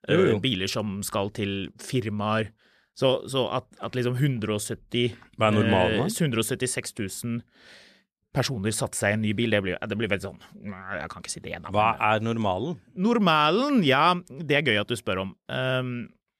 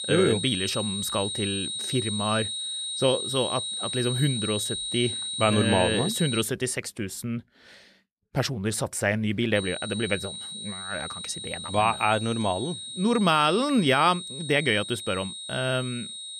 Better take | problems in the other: first | high-pitched whine; loud; until 6.5 s and from 9.5 s on; 4 kHz, 5 dB below the speech

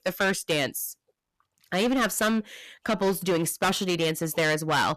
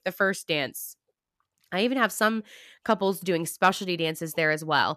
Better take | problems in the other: second | distortion; heavy; 11% of the sound clipped

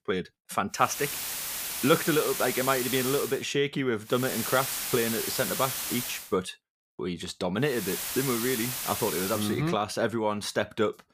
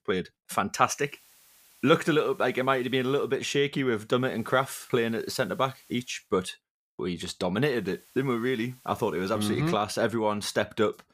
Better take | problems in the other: second | hiss; loud; from 1 to 3.5 s, from 4 to 6 s and from 8 to 9.5 s; 3 dB below the speech; faint in the second

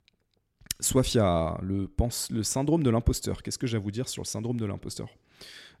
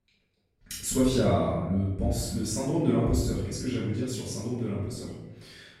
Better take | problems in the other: first | off-mic speech; far // room echo; strong; dies away in 0.9 s

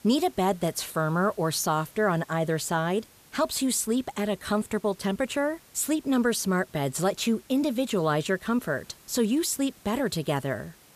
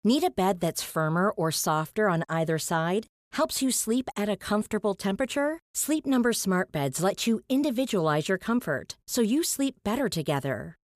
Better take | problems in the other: second | hiss; faint; throughout; 25 dB below the speech

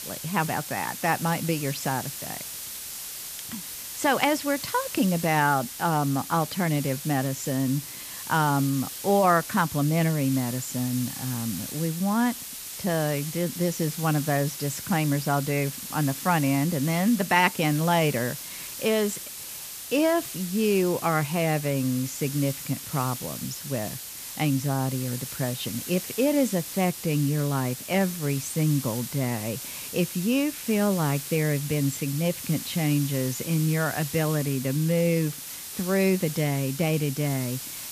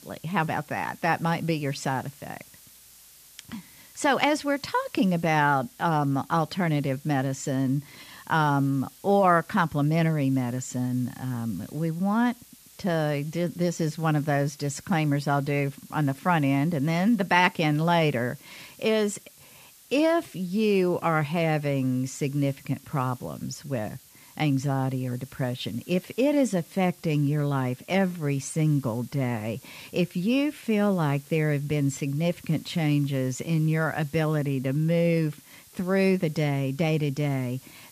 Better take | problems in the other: second | hiss; loud; throughout; 8 dB below the speech; faint in the second

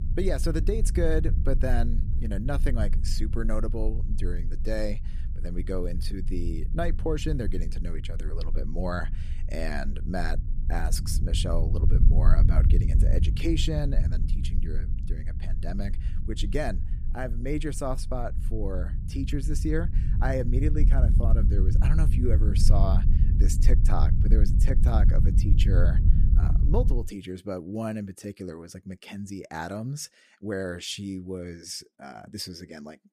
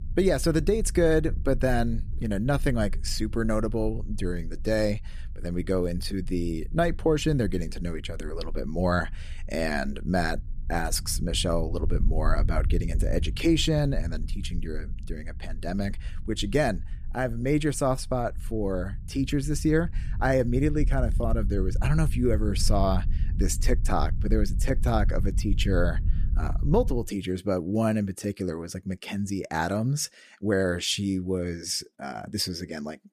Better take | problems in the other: second | low rumble; loud; until 27 s; 9 dB below the speech; faint in the second

